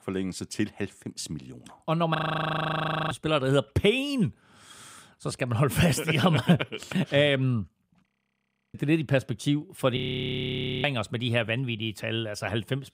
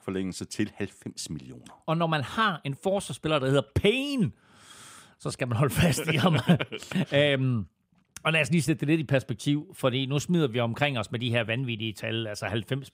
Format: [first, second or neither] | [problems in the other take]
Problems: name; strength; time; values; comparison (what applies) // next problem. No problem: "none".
second | audio freezing; at 2 s for 1 s, at 8 s for 0.5 s and at 10 s for 1 s